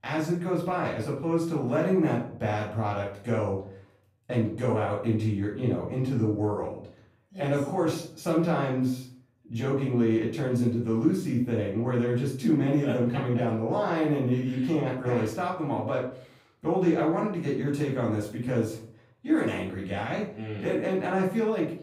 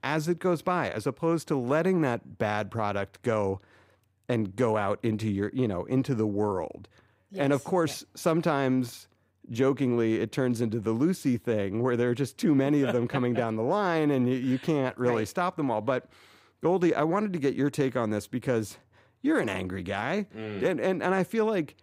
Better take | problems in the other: second | off-mic speech; far // room echo; noticeable; dies away in 0.5 s

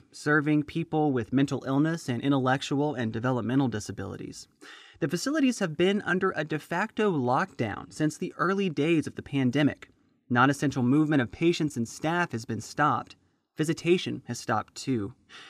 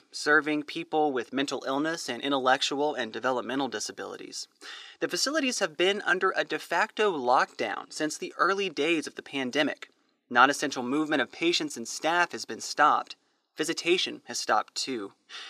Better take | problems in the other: first | thin; somewhat; fading below 500 Hz

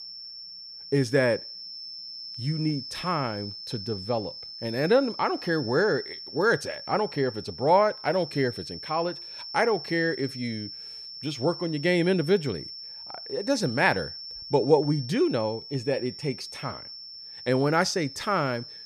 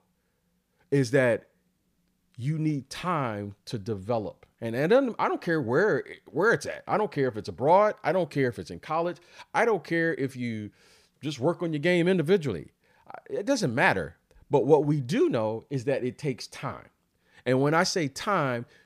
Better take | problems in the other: second | high-pitched whine; noticeable; throughout; 5.5 kHz, 10 dB below the speech

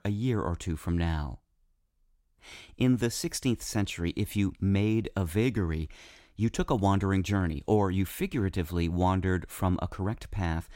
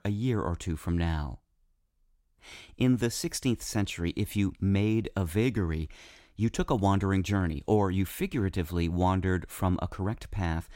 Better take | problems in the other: neither | none

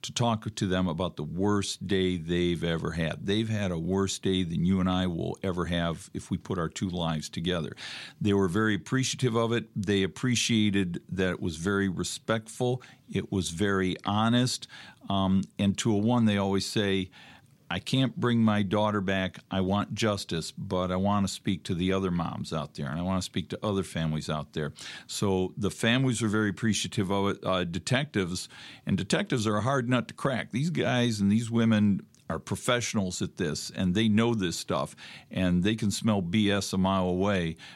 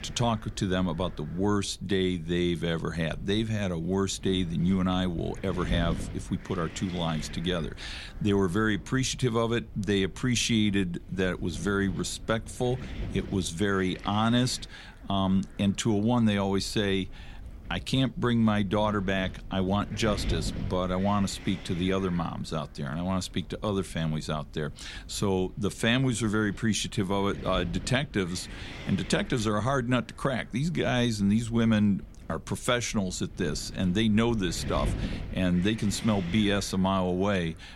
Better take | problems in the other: first | wind noise on the microphone; occasional gusts; 15 dB below the speech

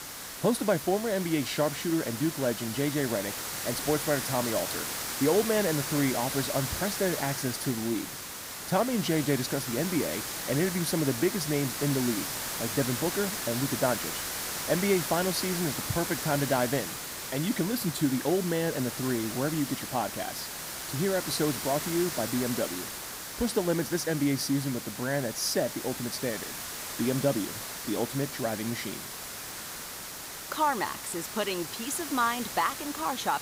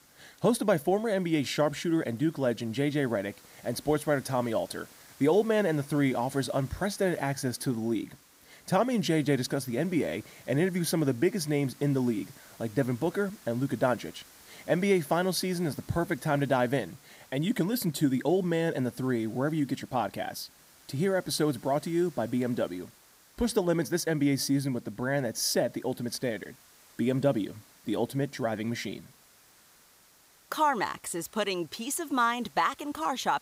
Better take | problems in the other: second | hiss; loud; throughout; 4 dB below the speech; faint in the second

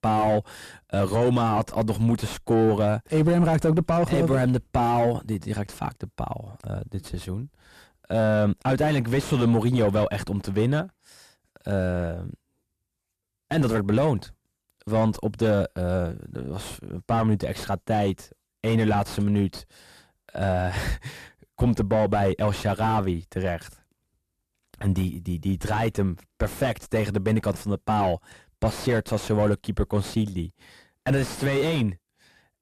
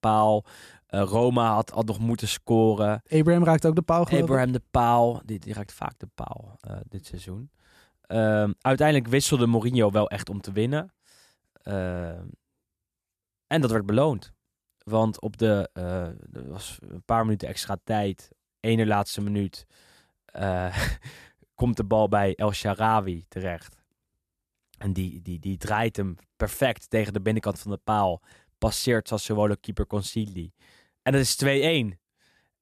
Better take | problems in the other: second | distortion; heavy; 6 dB below the speech

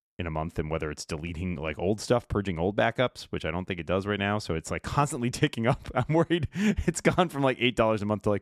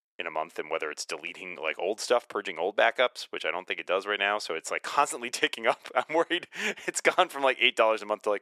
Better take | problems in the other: first | thin; very; fading below 450 Hz

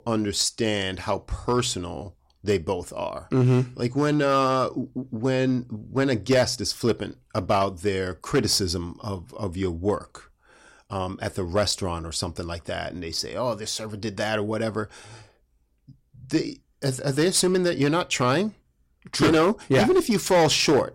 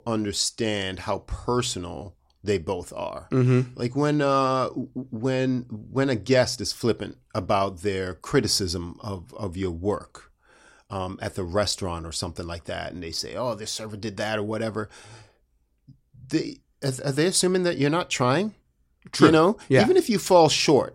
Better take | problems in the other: second | distortion; slight; 3% of the sound clipped

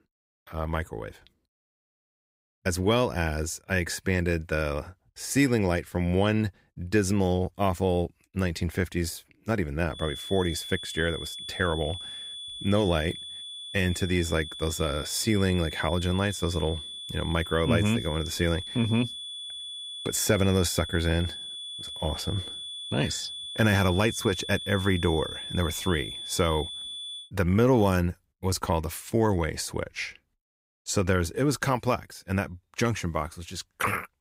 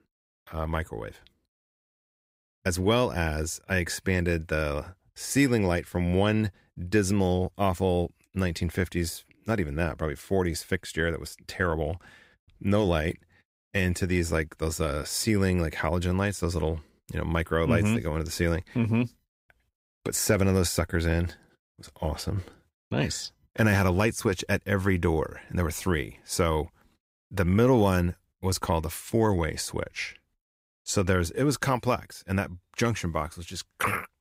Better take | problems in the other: second | high-pitched whine; loud; from 10 to 27 s; 3.5 kHz, 8 dB below the speech

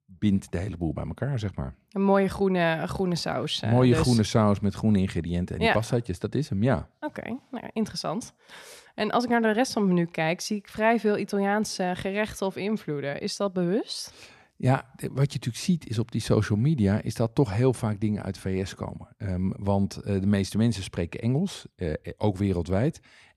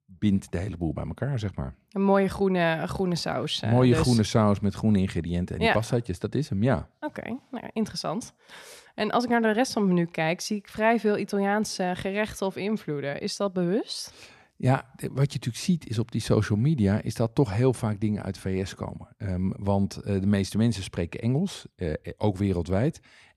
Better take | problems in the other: neither | none

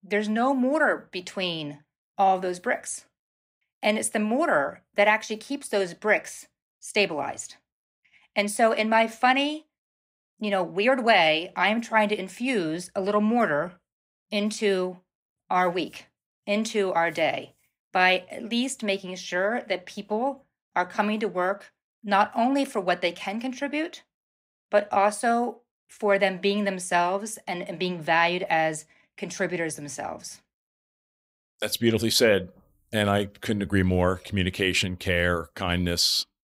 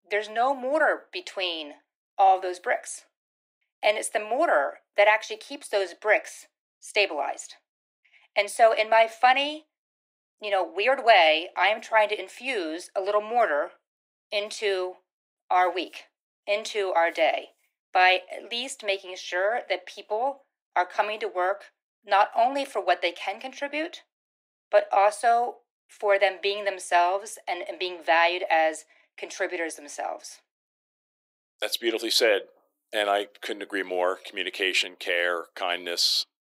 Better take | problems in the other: first | thin; very; fading below 300 Hz

